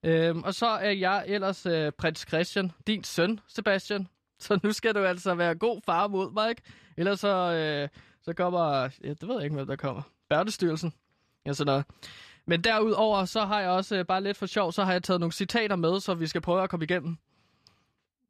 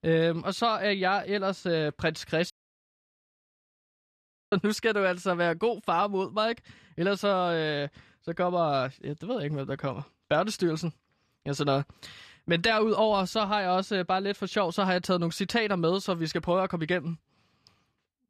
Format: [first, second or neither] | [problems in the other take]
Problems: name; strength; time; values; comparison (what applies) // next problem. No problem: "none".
first | audio cutting out; at 2.5 s for 2 s